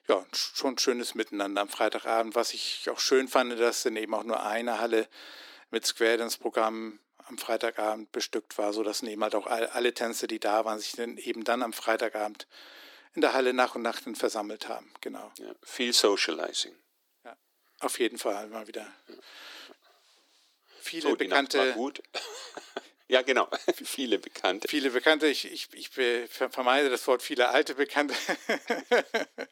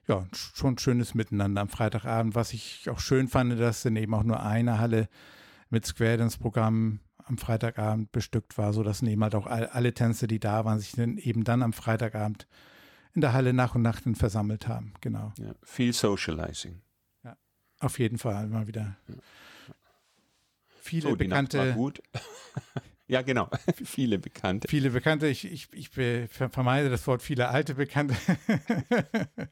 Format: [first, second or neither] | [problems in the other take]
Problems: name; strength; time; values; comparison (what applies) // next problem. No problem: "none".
second | thin; very; fading below 300 Hz